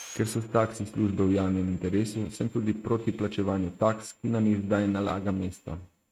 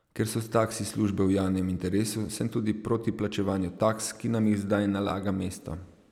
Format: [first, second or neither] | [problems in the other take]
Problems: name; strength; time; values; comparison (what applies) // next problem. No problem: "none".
second | noise reduction (neural mask model RNNoise)